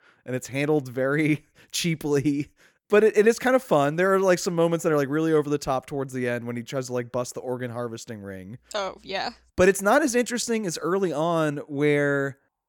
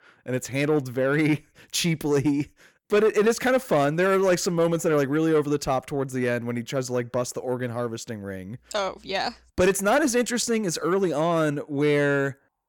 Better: first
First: none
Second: distortion; slight; 10 dB below the speech

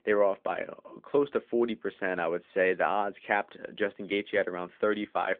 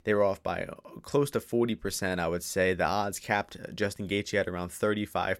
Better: second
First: phone-call audio; nothing above 3.5 kHz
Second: none

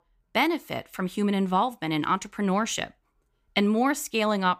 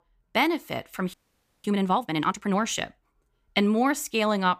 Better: first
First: none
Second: audio freezing; at 1 s for 0.5 s

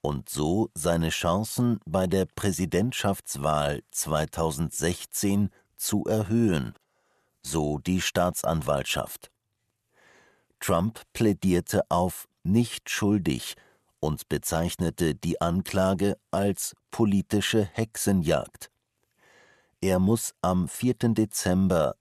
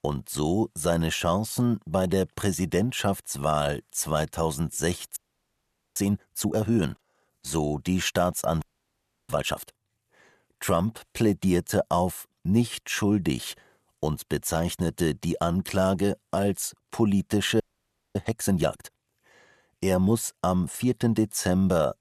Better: first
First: none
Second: audio freezing; at 5 s for 1 s, at 8.5 s for 0.5 s and at 18 s for 0.5 s

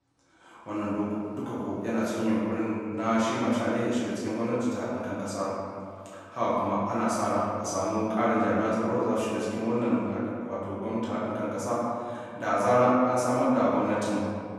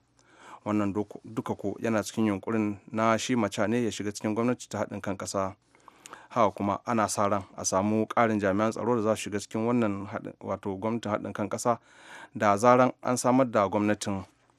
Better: second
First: room echo; strong; dies away in 1.9 s // off-mic speech; far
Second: none

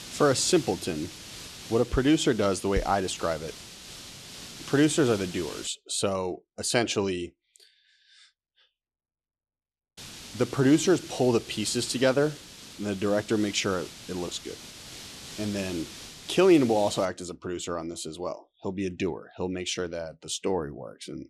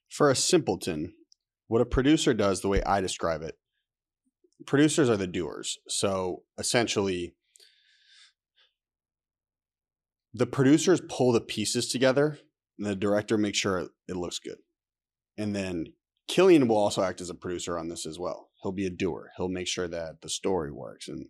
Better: second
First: hiss; noticeable; until 5.5 s and from 10 to 17 s; 15 dB below the speech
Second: none

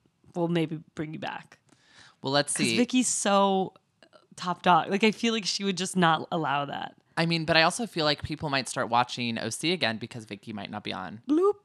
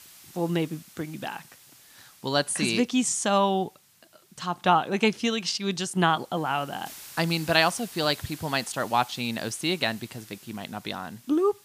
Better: first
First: none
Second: hiss; noticeable; throughout; 20 dB below the speech

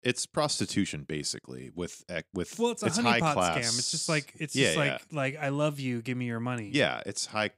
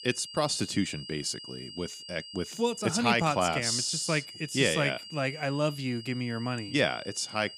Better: first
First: none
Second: high-pitched whine; noticeable; throughout; 4.5 kHz, 15 dB below the speech

